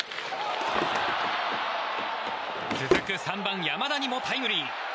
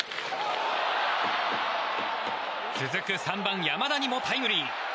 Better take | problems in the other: second | background sound (Drawer open or close); 7 dB below the speech

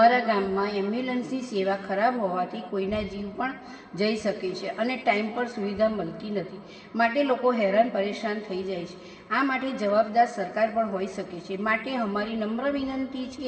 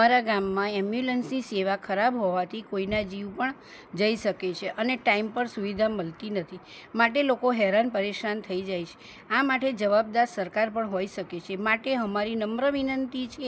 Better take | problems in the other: second | room echo; dies away in 2.4 s

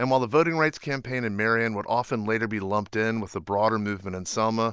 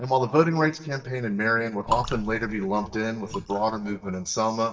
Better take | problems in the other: first | noise reduction (neural mask model DeepFilterNet 3)

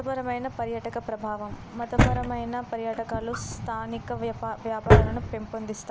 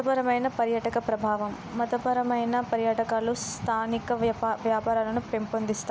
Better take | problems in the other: second | background sound (Drawer open or close); 4 dB above the speech

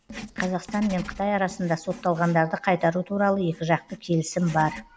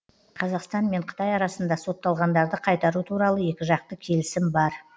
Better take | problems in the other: second | background sound (Writing); 18 dB below the speech

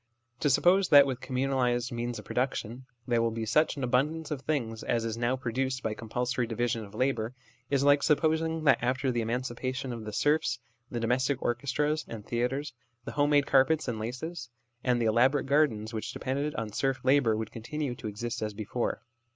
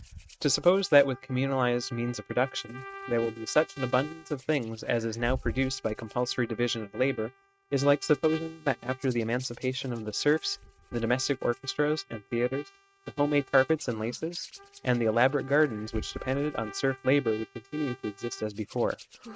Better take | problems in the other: first | noise reduction (neural mask model RNNoise)

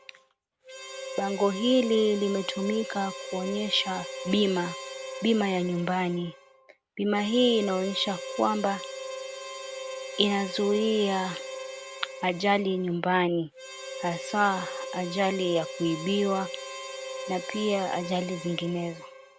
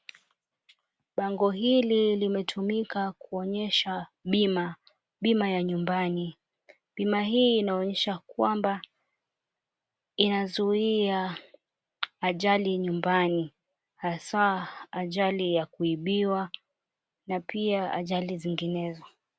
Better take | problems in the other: second | background sound (Harmonica); 10 dB below the speech

